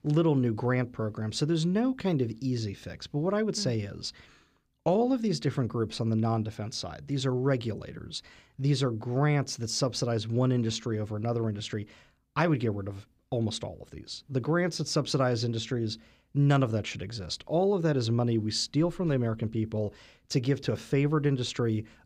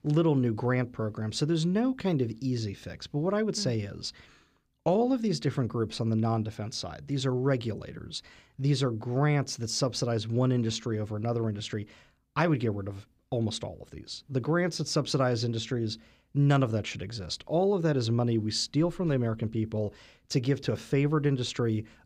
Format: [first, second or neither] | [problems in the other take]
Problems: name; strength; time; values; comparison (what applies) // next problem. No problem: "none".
neither | none